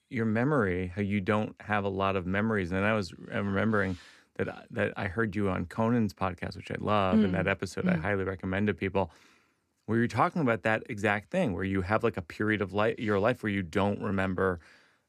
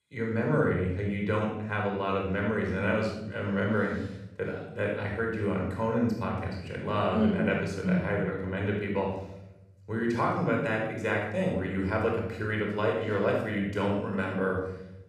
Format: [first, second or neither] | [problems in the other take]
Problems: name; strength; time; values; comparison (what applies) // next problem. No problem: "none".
first | off-mic speech; somewhat distant // room echo; noticeable; dies away in 0.9 s